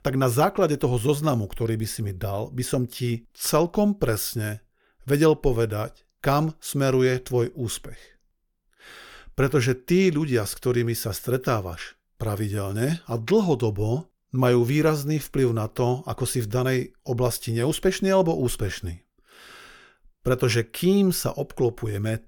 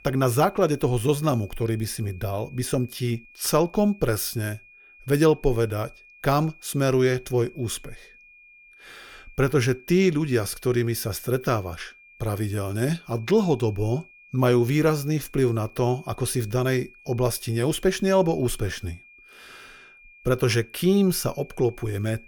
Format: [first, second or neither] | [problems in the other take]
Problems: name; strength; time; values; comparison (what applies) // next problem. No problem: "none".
first | high-pitched whine; faint; throughout; 2.5 kHz, 25 dB below the speech